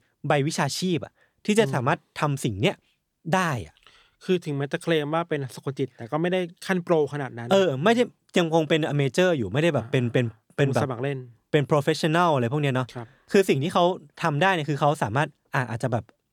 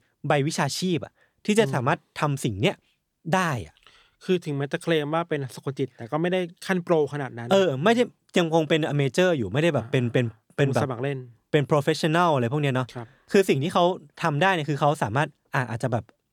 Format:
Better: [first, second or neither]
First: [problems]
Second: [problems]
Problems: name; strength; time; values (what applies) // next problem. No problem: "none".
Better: neither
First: none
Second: none